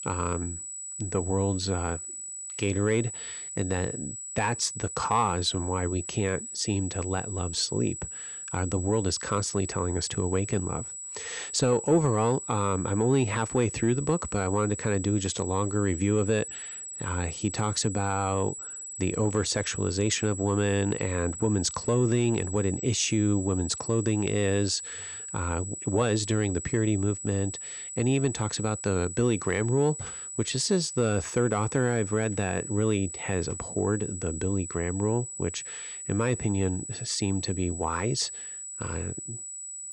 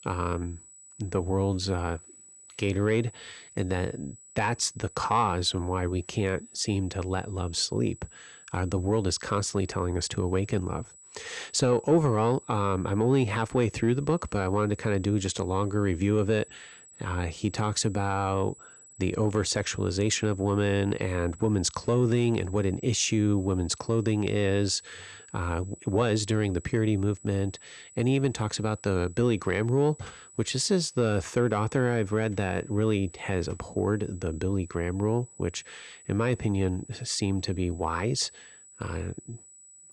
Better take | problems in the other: second | high-pitched whine; loud; throughout; 8 kHz, 8 dB below the speech; faint in the second

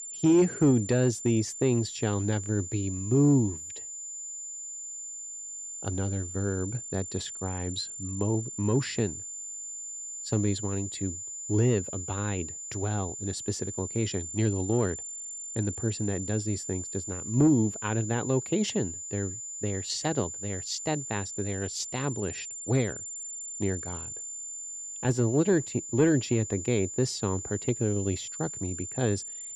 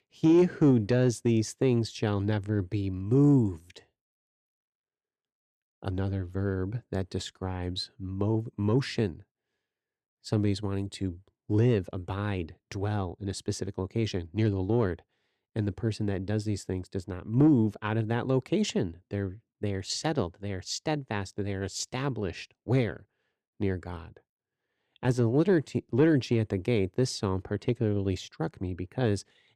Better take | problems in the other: second | high-pitched whine; loud; throughout; 7 kHz, 7 dB below the speech

